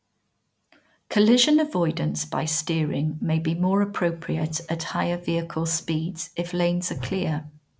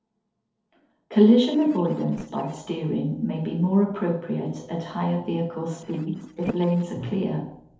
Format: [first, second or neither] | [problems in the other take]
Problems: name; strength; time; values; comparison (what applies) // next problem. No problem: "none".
first | noise reduction (neural separator model SepFormer DNS4)